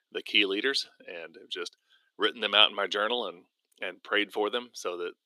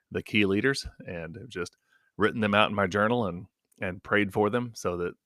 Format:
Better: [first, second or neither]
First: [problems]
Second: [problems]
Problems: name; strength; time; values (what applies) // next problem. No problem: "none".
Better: second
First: thin; somewhat; fading below 300 Hz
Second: none